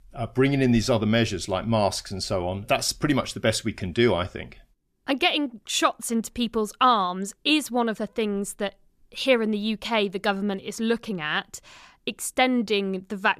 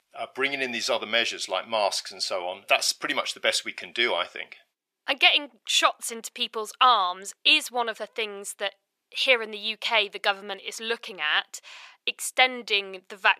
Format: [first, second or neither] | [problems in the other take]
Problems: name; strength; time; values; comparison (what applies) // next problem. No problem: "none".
first | thin; very; fading below 650 Hz